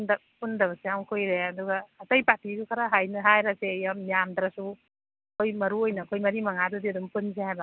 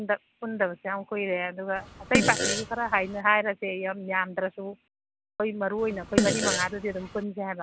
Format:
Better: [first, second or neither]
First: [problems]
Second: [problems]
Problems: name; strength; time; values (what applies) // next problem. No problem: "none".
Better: first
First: none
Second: background sound (Fart); as loud as the speech